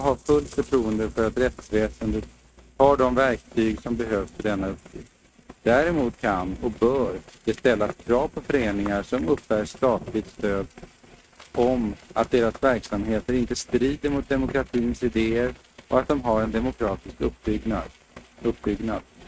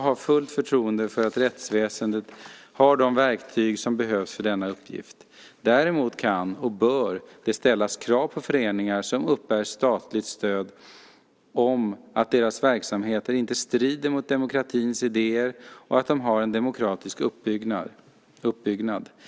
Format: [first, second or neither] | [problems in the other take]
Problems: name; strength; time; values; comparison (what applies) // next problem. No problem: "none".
second | noise reduction (neural mask model RNNoise)